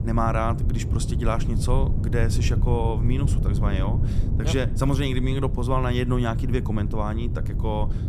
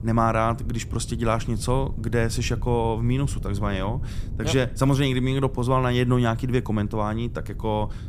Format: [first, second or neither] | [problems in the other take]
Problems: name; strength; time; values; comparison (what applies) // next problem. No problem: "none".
second | low rumble; loud; throughout; 9 dB below the speech; faint in the second